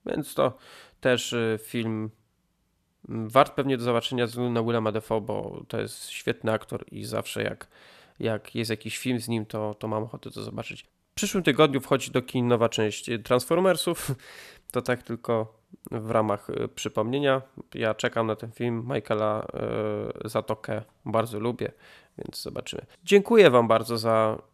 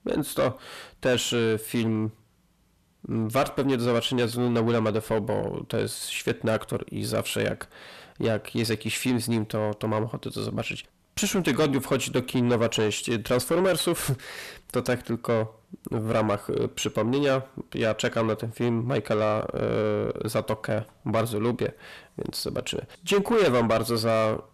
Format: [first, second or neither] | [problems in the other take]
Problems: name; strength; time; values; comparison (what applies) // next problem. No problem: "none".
first | distortion; heavy; 6 dB below the speech